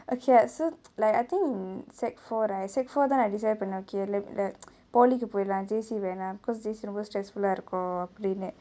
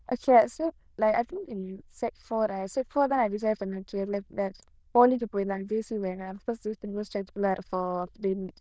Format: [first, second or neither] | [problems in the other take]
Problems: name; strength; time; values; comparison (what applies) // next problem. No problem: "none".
first | noise reduction (neural diffusion model UNIVERSE++)